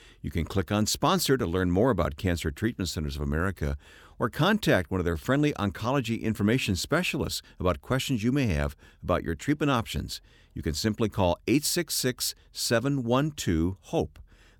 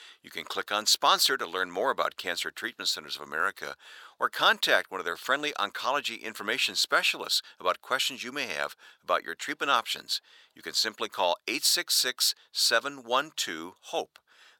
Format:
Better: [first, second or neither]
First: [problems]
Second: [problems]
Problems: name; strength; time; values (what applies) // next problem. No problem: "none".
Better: first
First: none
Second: thin; very; fading below 800 Hz